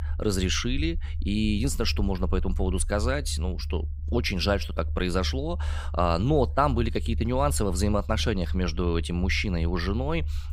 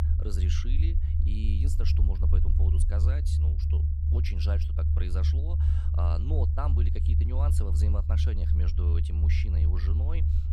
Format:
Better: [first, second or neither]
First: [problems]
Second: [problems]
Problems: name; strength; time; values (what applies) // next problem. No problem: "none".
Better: first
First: low rumble; faint; throughout; 20 dB below the speech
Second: low rumble; loud; throughout; 1 dB below the speech